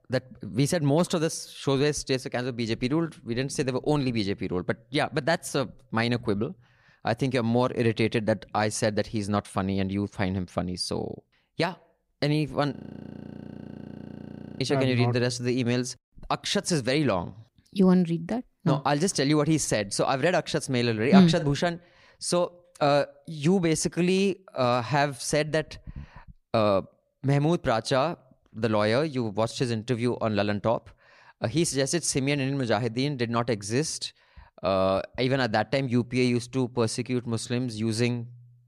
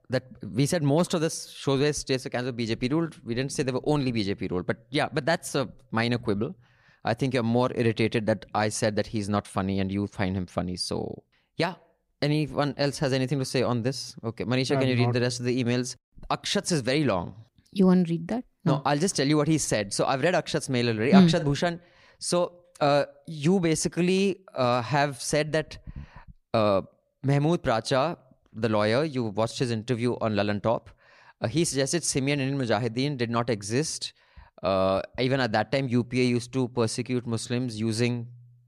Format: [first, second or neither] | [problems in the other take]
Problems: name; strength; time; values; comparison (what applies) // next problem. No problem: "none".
second | audio freezing; at 13 s for 2 s